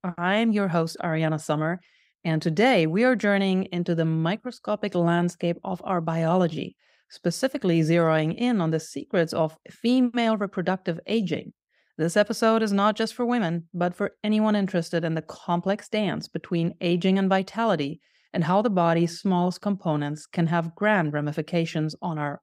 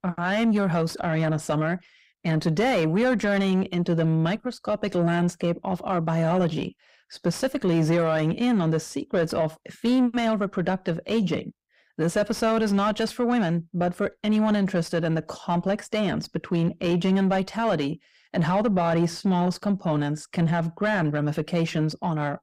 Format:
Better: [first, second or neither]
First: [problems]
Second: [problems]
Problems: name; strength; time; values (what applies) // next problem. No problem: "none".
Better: first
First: none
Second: distortion; slight; 10 dB below the speech